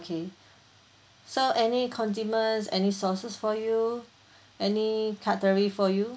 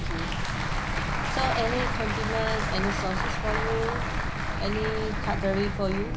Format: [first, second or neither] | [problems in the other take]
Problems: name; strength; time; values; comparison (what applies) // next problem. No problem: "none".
first | background sound (Applause + Boat, Water vehicle); 3 dB above the speech